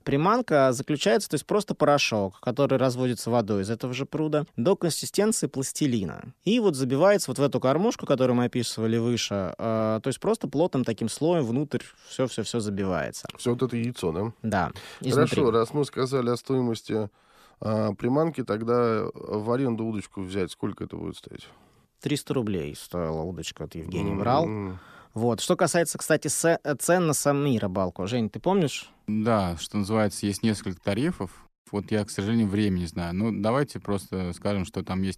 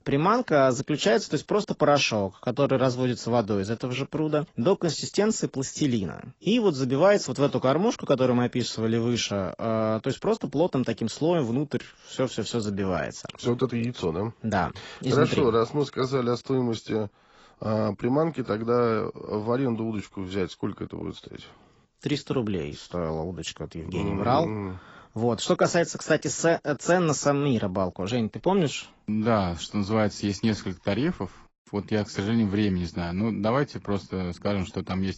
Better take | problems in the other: first | garbled, watery; badly; nothing above 7.5 kHz

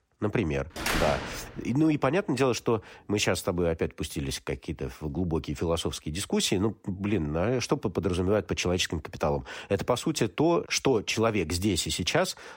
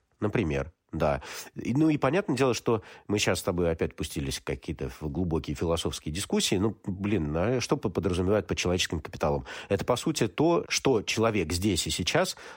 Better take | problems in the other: second | door banging; noticeable; at 1 s; peak level with the speech

